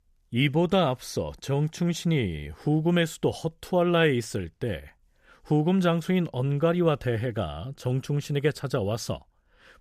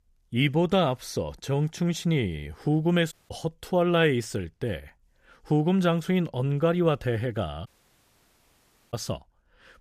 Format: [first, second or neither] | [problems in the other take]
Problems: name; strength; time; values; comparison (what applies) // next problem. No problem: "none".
first | audio cutting out; at 3 s and at 7.5 s for 1.5 s